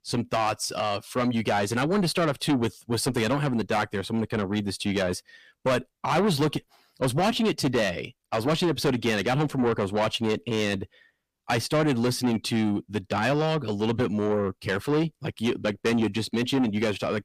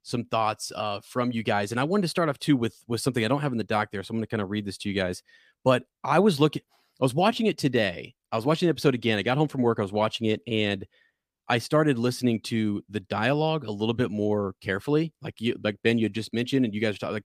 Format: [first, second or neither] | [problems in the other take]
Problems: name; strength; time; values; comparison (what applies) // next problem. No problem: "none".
second | distortion; heavy; 7 dB below the speech